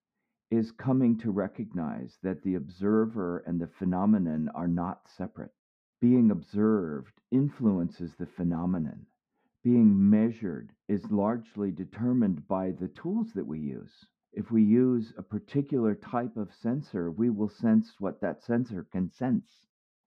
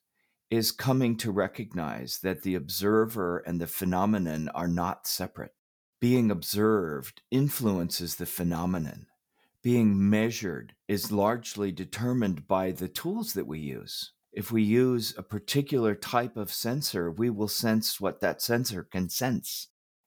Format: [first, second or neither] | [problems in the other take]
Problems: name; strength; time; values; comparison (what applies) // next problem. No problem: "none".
second | muffled; very; fading above 1.5 kHz